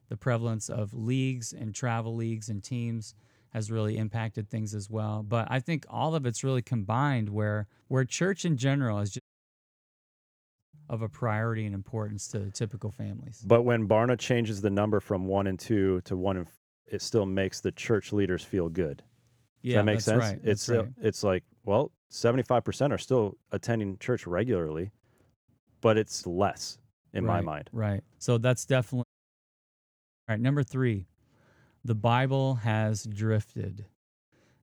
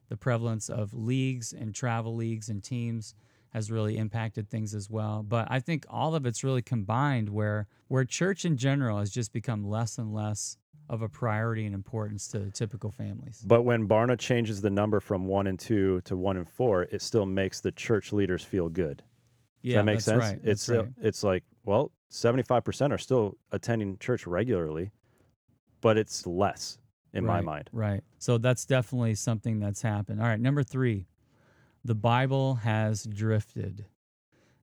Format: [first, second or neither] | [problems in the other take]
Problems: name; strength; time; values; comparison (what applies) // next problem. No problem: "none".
second | audio cutting out; at 9 s for 1.5 s, at 17 s and at 29 s for 1 s